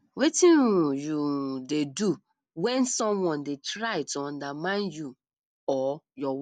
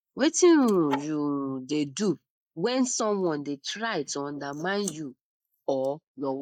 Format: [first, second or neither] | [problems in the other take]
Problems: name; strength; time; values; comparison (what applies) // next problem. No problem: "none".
first | noise reduction (neural mask model Resemble Enhance denoiser)